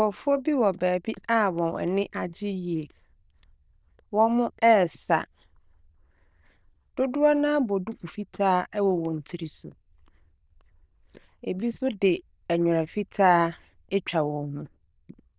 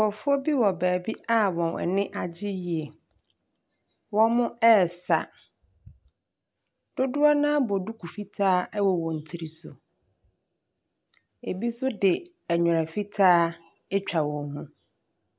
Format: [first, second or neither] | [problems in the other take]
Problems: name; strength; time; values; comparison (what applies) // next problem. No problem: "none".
second | noise reduction (neural diffusion model UNIVERSE++)